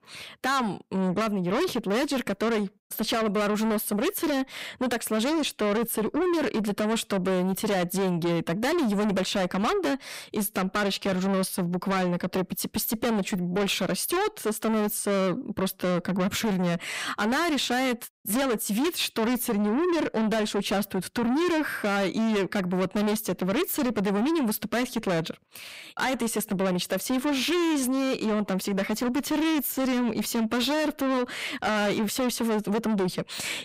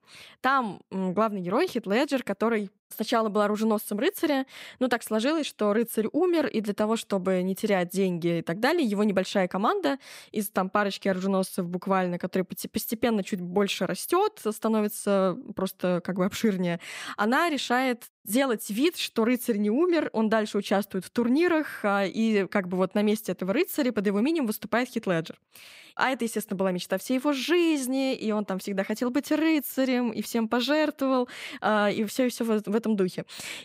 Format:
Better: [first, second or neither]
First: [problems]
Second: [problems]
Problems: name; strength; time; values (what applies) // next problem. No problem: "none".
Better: second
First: distortion; heavy; 7 dB below the speech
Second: none